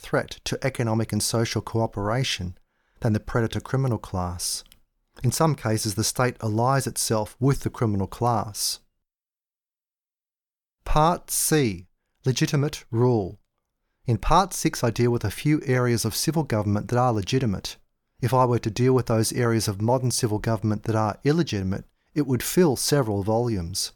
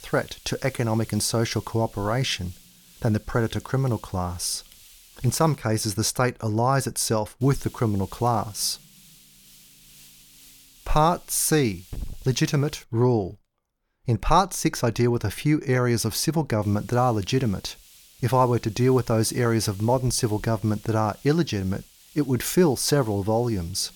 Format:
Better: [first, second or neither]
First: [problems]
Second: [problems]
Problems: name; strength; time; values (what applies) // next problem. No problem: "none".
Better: first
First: none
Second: hiss; faint; until 5.5 s, from 7.5 to 13 s and from 17 s on; 25 dB below the speech